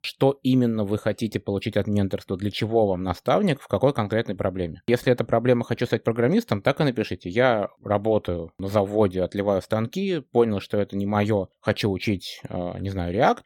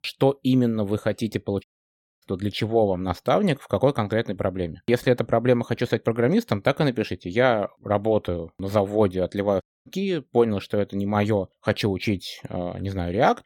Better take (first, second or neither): first